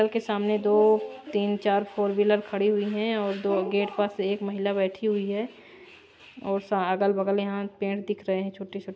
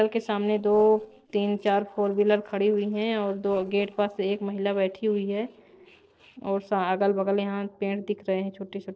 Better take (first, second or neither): first